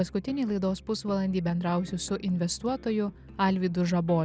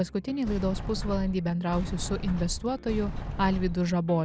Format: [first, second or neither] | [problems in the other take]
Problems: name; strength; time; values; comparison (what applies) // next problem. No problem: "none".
first | background sound (Sliding door); 6 dB below the speech